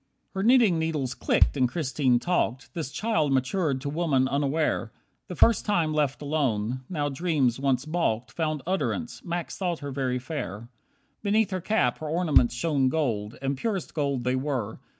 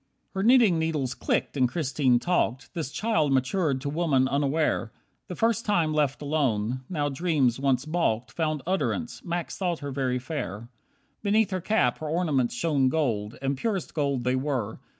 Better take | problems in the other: second | background sound (Bass drum); 5 dB below the speech

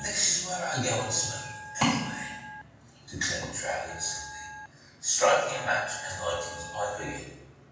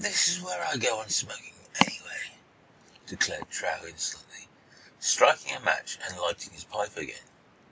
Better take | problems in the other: second | background sound (Telephone); 15 dB below the speech // room echo; dies away in 1.2 s

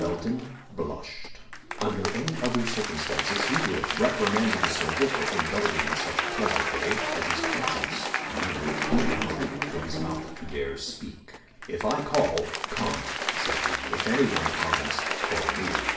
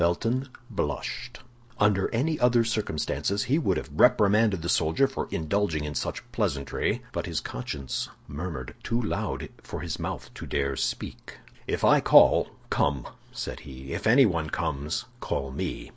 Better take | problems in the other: second | background sound (Applause / Crowd); as loud as the speech // room echo; dies away in 0.6 s

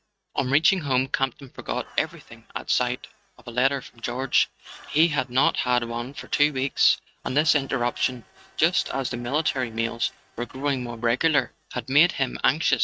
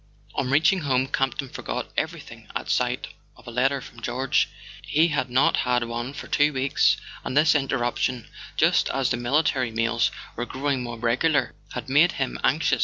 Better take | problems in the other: second | noise reduction (neural mask model RNNoise)

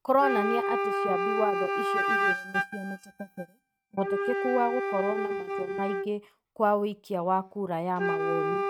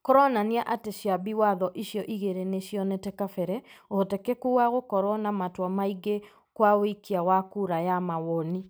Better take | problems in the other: second | noise reduction (neural mask model RNNoise)

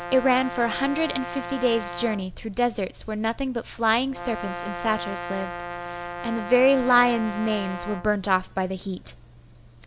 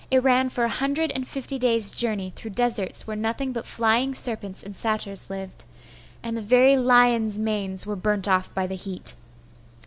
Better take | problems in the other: second | background sound (Brass instrument); 10 dB below the speech

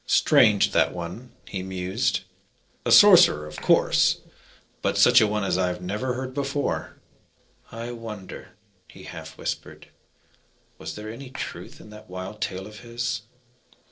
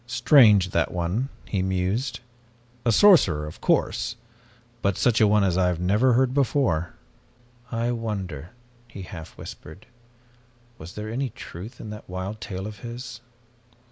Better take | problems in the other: second | noise reduction (neural separator model SepFormer DNS4)

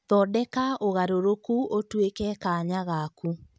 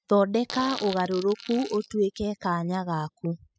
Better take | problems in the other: first | noise reduction (classical method spectral subtraction)

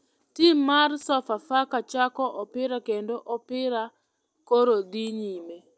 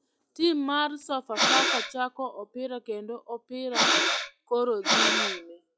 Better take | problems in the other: first | noise reduction (classical method log-MMSE)

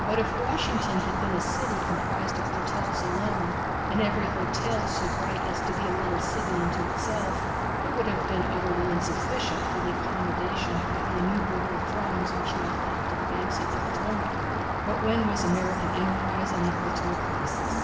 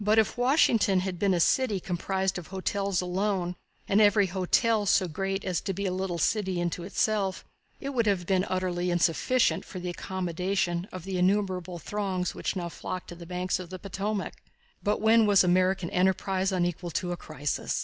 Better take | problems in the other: second | background sound (Rain); 4 dB above the speech // room echo; dies away in 1.8 s

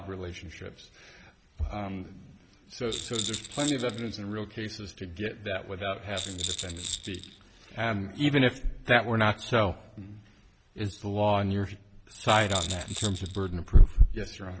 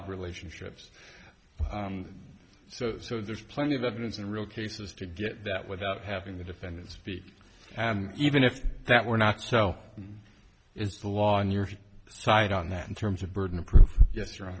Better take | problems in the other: second | background sound (Rattle); 10 dB below the speech

